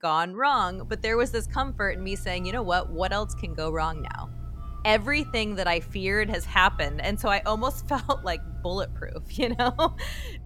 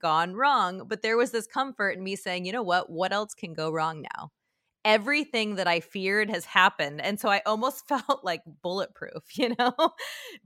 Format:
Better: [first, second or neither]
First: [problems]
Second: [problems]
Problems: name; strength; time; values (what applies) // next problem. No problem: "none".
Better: second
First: phone ringing; noticeable; from 0.5 s on; peak 9 dB below the speech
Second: none